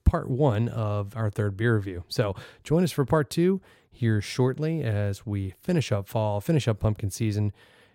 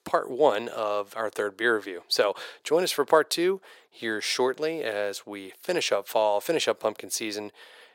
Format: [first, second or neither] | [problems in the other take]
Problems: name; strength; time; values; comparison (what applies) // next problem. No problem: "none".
first | thin; very; fading below 450 Hz